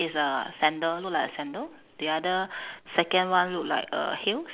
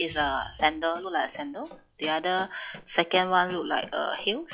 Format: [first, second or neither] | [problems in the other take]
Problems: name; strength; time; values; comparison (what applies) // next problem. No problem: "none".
first | noise reduction (classical method log-MMSE)